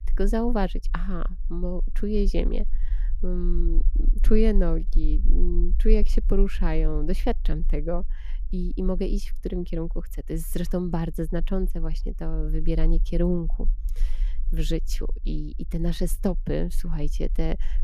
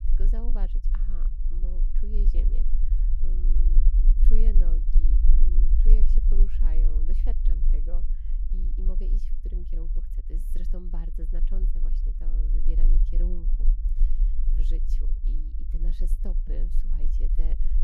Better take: first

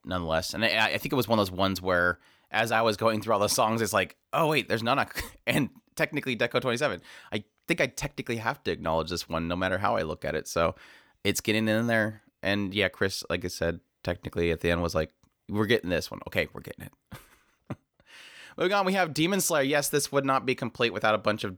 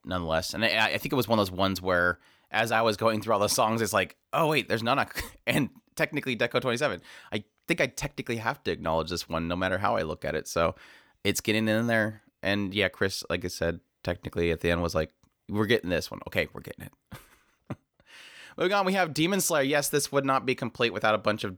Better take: neither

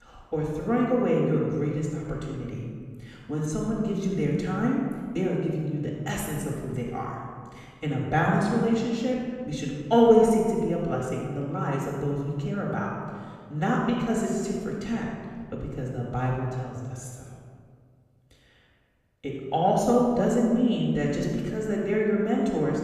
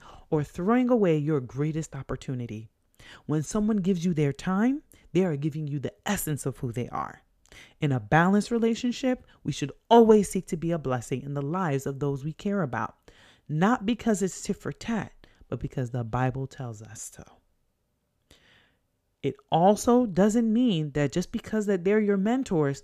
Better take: second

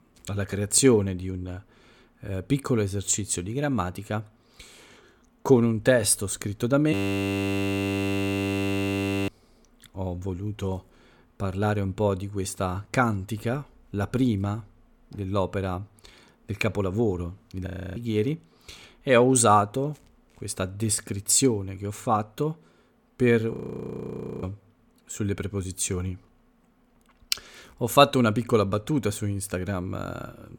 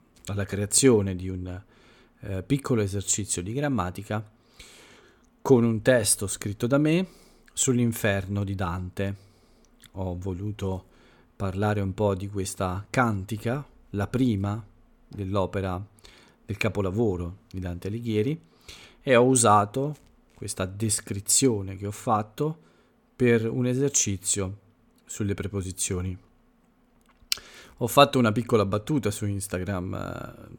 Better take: second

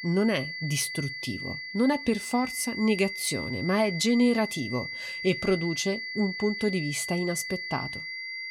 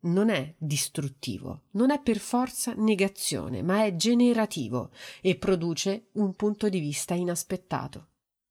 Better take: second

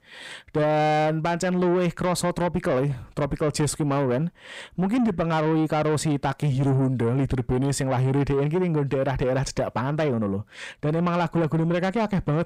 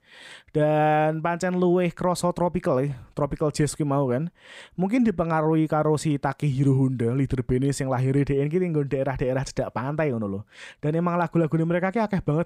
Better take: second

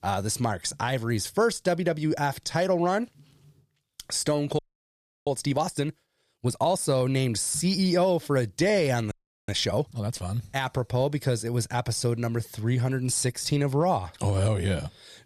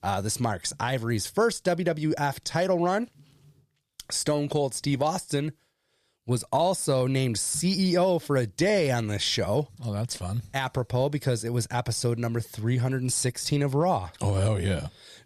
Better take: second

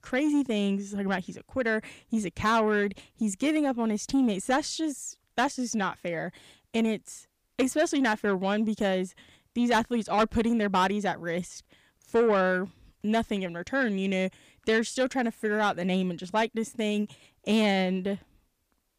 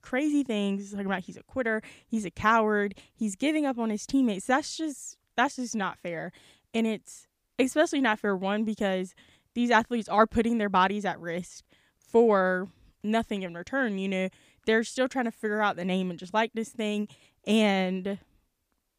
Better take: second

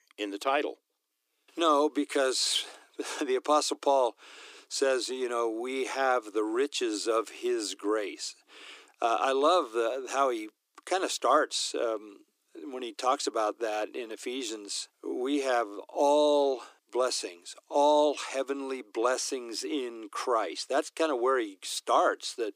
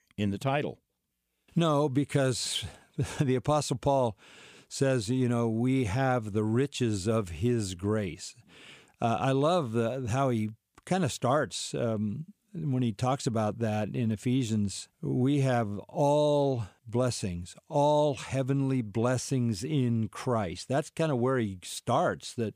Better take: second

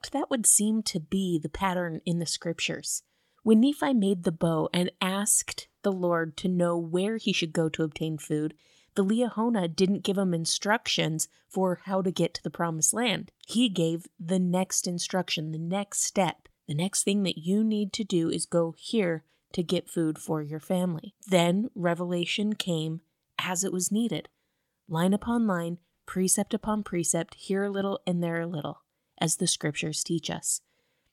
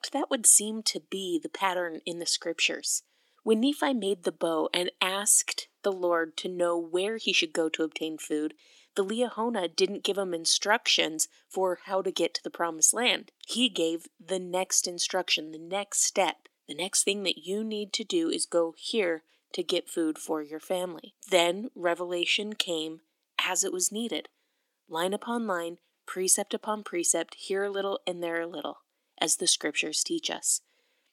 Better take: first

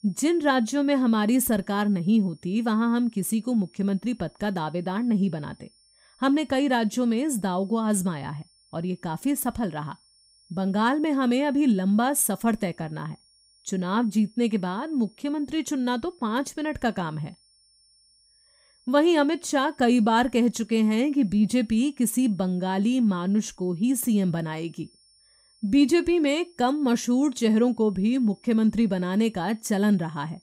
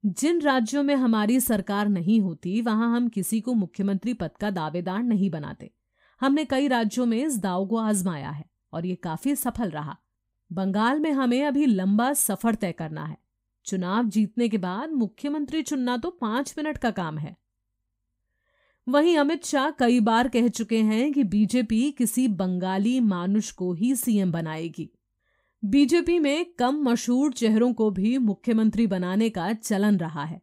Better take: second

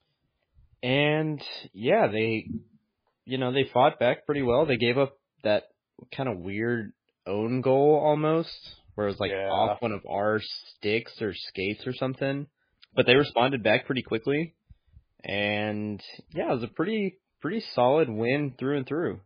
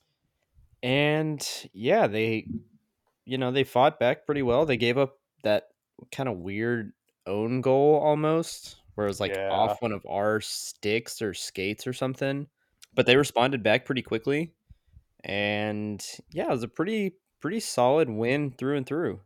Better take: second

